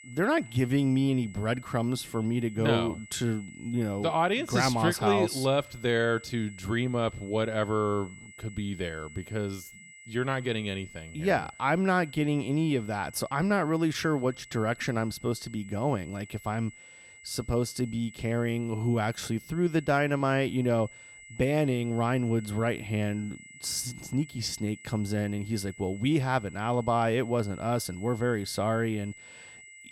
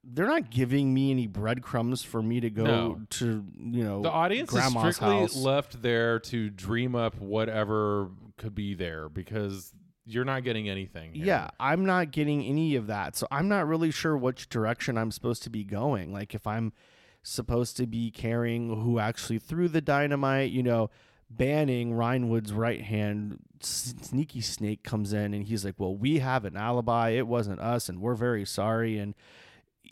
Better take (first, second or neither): second